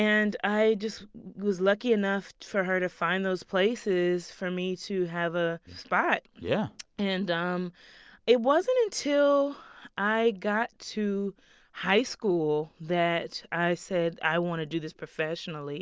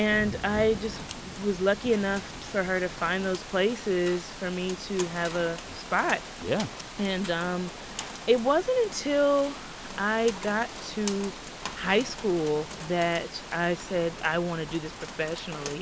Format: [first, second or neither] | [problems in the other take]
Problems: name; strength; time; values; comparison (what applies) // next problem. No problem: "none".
first | background sound (Rain); 11 dB below the speech